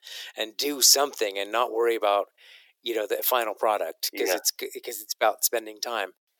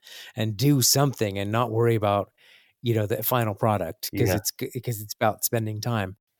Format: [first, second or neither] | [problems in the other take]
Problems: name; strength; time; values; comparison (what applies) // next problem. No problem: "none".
second | thin; very; fading below 350 Hz